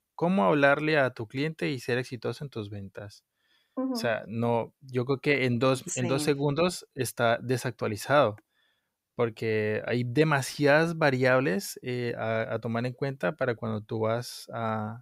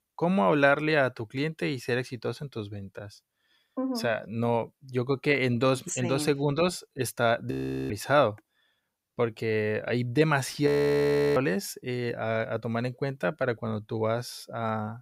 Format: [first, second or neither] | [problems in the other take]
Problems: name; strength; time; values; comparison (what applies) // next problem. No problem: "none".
first | audio freezing; at 7.5 s and at 11 s for 0.5 s